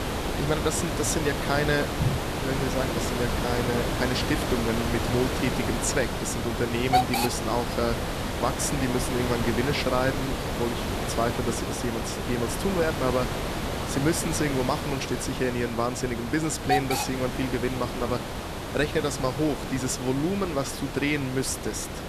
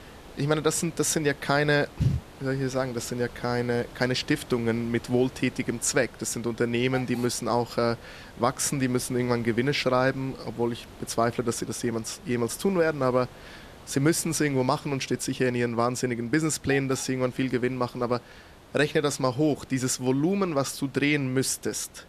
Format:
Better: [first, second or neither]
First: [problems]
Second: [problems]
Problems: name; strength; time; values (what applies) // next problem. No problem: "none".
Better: second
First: hiss; loud; throughout; 1 dB below the speech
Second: hiss; faint; throughout; 20 dB below the speech